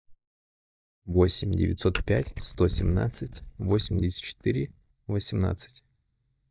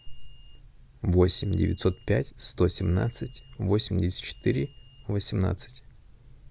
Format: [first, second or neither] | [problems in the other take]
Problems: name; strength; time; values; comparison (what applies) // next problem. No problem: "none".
second | noise reduction (neural mask model DeepFilterNet 3)